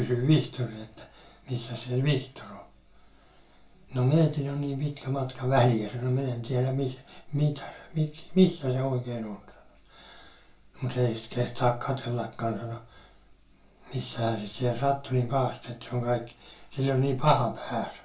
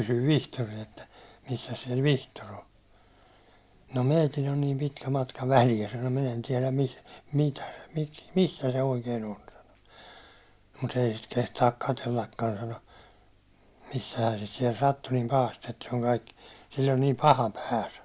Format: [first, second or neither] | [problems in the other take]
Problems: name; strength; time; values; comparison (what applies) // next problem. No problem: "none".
second | room echo; dies away in 0.3 s